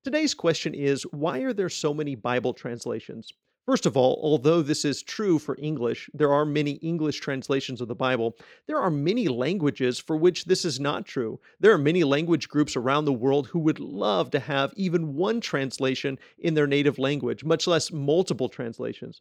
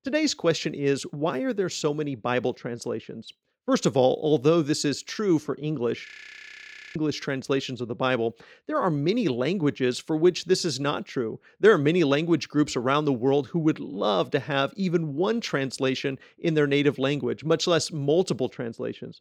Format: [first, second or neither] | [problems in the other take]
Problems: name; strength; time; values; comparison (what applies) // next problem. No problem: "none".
first | audio freezing; at 6 s for 1 s